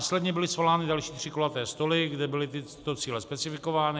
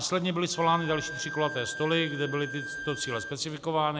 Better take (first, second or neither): first